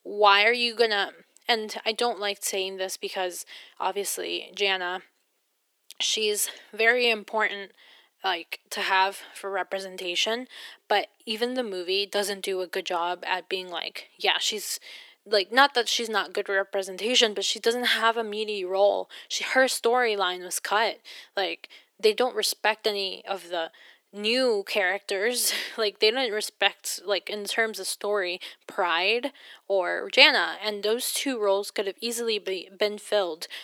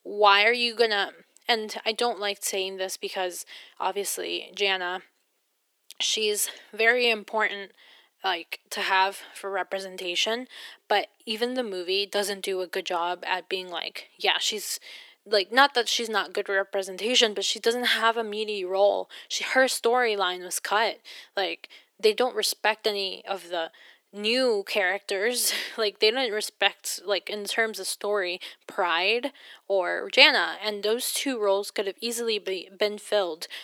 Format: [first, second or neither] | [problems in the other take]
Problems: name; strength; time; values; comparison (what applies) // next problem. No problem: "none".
neither | thin; very; fading below 350 Hz; the same in both